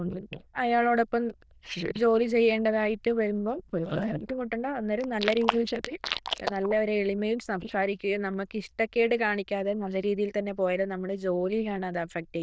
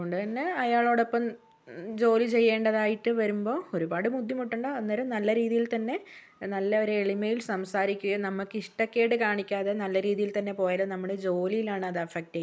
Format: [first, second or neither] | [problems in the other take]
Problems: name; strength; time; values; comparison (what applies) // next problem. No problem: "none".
second | noise reduction (neural diffusion model UNIVERSE++)